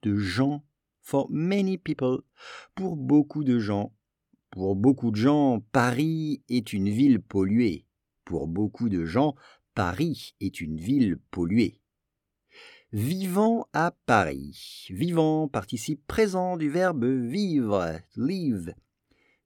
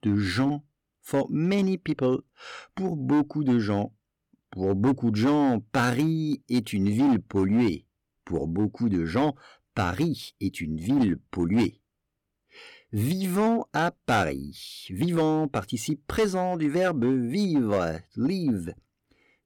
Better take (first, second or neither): first